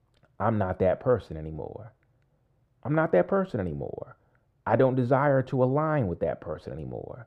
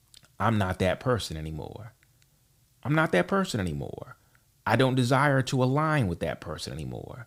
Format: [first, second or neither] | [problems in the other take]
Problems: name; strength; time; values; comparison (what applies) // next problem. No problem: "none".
second | muffled; very; fading above 3 kHz